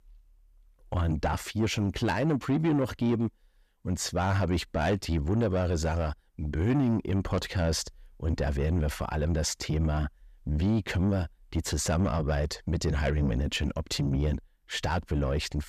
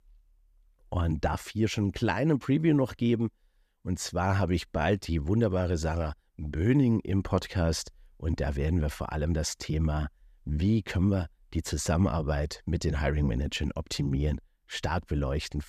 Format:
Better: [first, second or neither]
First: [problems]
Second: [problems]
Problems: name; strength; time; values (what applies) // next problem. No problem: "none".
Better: second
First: distortion; slight; 10 dB below the speech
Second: none